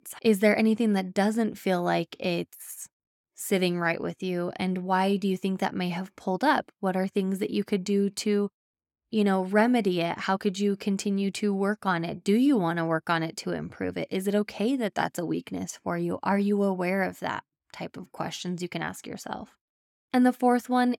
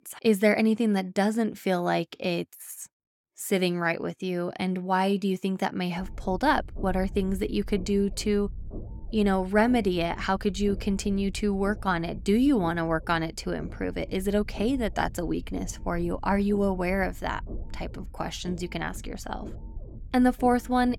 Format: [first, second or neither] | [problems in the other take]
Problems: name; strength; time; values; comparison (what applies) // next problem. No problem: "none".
first | low rumble; faint; from 6 s on; 25 dB below the speech